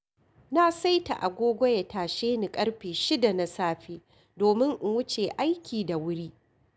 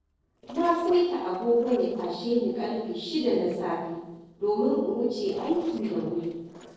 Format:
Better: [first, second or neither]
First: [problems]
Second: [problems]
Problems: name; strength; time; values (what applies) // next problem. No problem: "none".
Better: first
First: none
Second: noise reduction (neural separator model SepFormer DNS4)